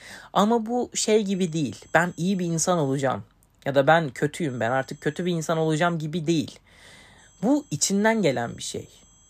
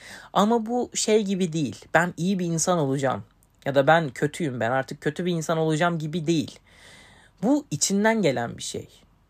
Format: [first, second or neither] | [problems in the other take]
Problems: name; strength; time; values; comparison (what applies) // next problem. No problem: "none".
second | high-pitched whine; faint; from 1.5 to 3 s, from 4.5 to 6 s and from 7 s on; 7.5 kHz, 30 dB below the speech